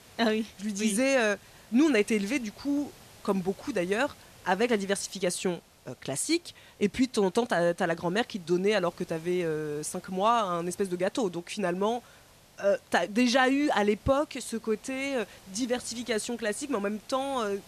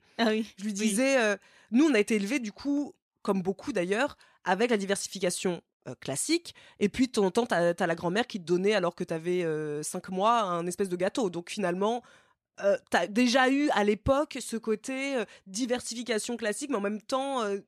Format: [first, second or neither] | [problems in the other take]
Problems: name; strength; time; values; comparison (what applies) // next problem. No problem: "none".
second | hiss; faint; throughout; 25 dB below the speech